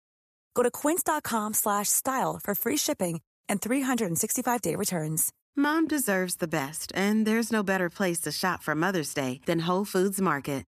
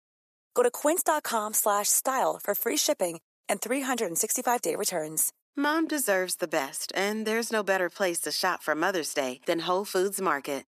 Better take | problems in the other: first | thin; somewhat; fading below 400 Hz

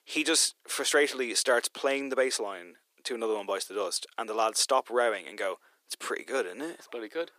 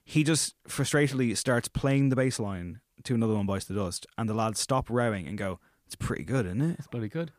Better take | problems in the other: second | thin; very; fading below 350 Hz

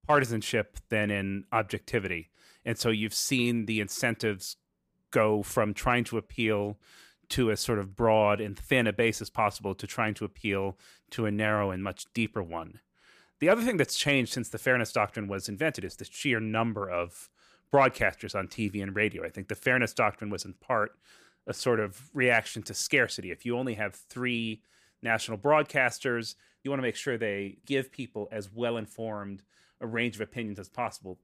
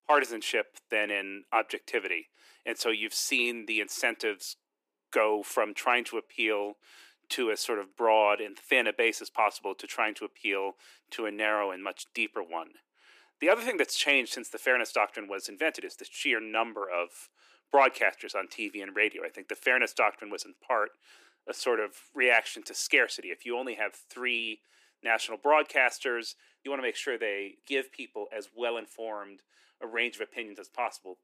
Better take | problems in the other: first | thin; somewhat; fading below 300 Hz

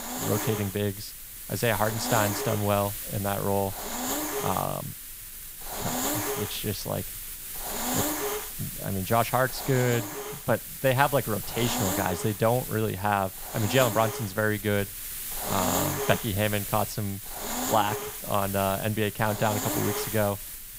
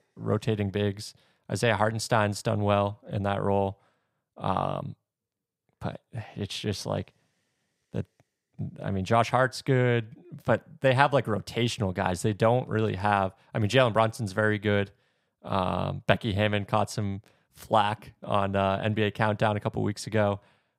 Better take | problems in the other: second | hiss; loud; throughout; 4 dB below the speech

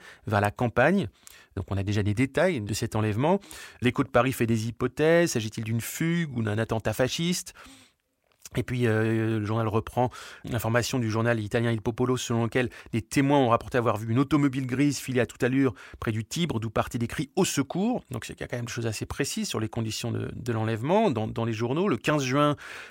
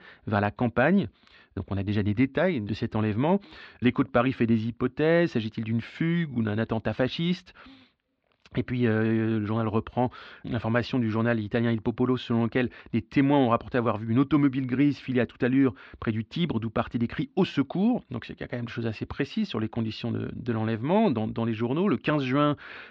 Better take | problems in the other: first | muffled; slightly; fading above 4 kHz

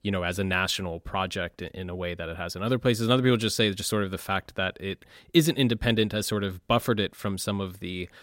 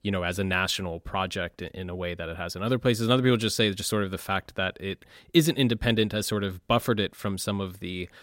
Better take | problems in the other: neither | none

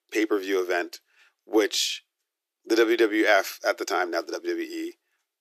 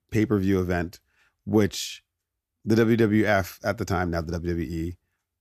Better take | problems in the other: second | thin; very; fading below 350 Hz

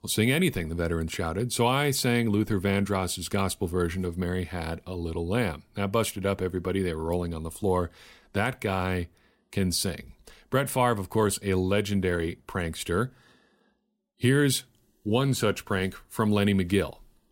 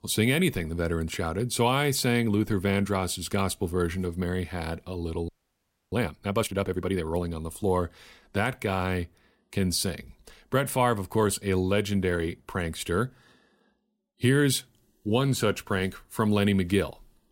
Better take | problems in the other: first | audio freezing; at 5.5 s for 0.5 s

